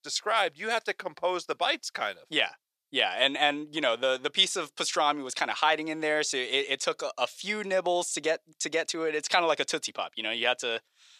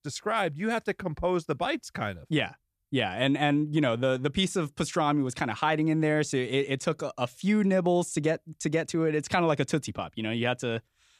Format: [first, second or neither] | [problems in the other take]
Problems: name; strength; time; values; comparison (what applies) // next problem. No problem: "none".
second | thin; very; fading below 600 Hz